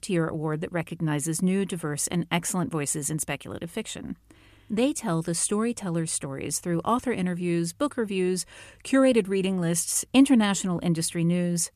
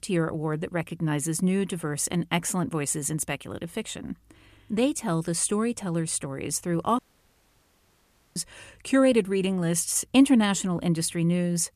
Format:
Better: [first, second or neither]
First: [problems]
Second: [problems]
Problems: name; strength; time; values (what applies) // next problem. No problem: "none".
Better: first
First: none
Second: audio cutting out; at 7 s for 1.5 s